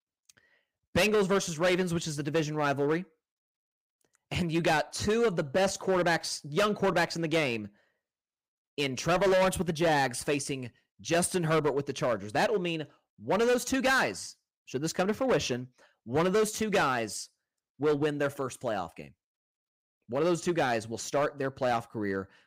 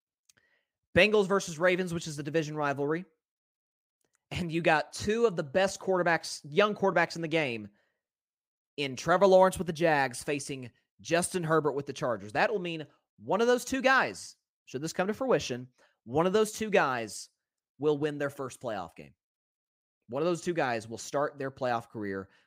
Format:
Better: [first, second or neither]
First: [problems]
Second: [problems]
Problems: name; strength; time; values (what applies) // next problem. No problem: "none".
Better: second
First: distortion; heavy; 8% of the sound clipped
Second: none